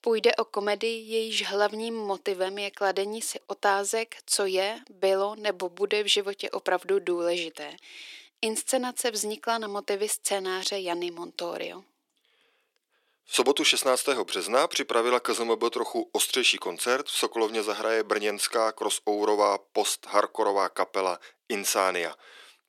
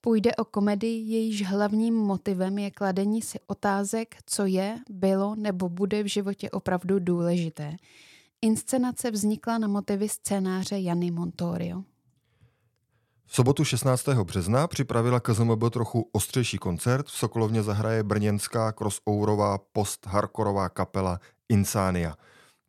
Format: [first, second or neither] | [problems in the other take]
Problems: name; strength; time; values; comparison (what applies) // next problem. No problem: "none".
second | thin; very; fading below 300 Hz